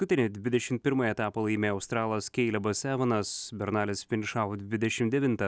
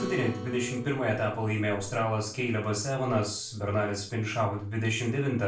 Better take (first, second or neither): first